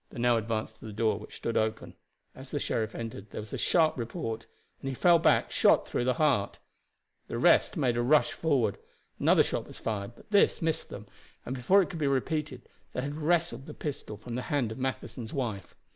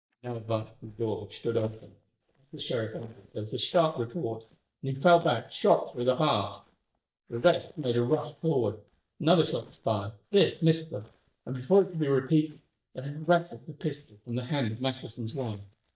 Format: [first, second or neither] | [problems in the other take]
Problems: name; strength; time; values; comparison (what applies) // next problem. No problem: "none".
first | noise reduction (neural mask model DeepFilterNet 3)